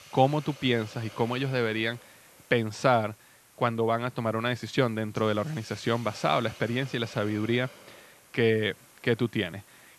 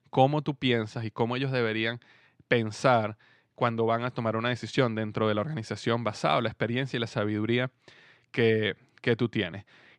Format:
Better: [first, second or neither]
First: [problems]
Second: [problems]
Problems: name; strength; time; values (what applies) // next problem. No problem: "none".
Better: second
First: hiss; faint; throughout; 20 dB below the speech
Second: none